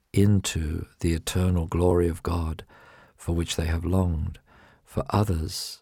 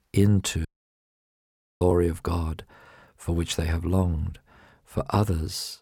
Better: first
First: none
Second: audio cutting out; at 0.5 s for 1 s

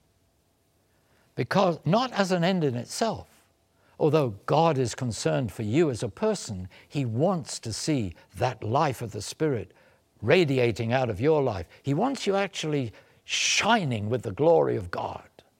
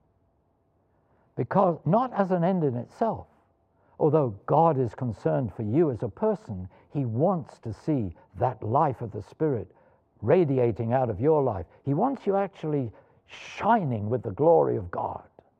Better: first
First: none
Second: muffled; very; fading above 2 kHz

